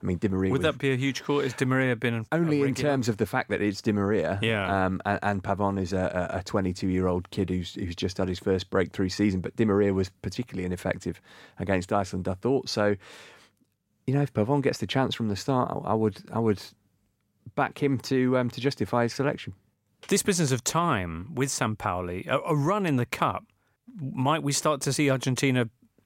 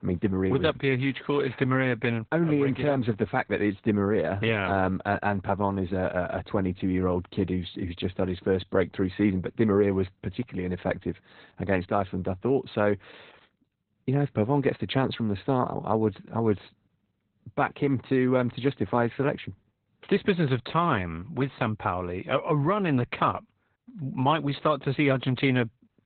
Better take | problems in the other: first | garbled, watery; badly; nothing above 4 kHz

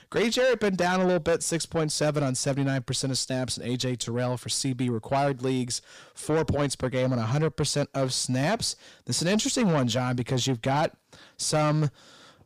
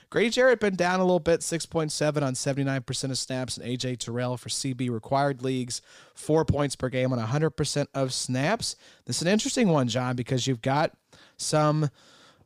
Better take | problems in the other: second | distortion; slight; 10 dB below the speech

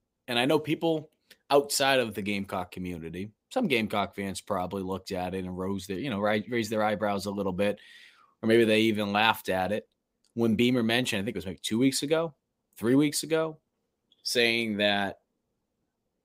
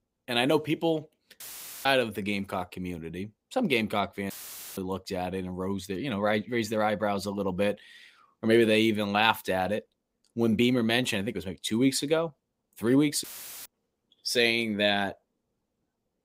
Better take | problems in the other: first | audio cutting out; filled with static; at 1.5 s, at 4.5 s and at 13 s

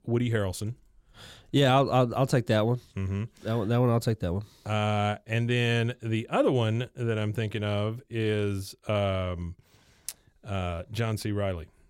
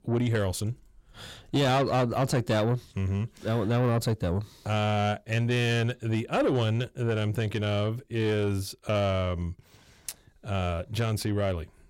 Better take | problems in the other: first | distortion; slight; 10 dB below the speech

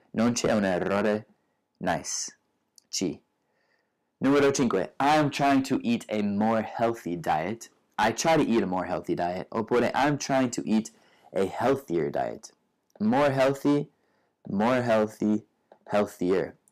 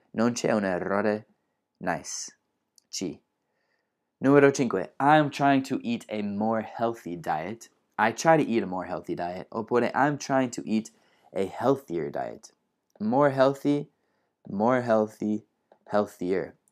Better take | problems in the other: second | distortion; heavy; 6% of the sound clipped

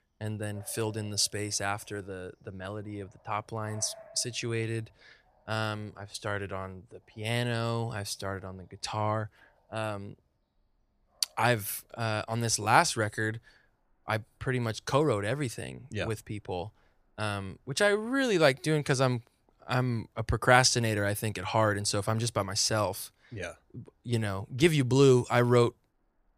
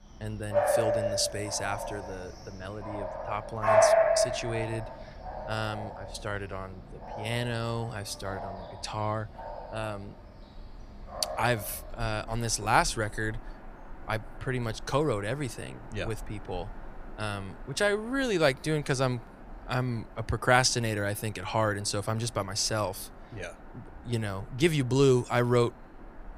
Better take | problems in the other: first | animal sounds; loud; throughout; 1 dB below the speech; faint in the first

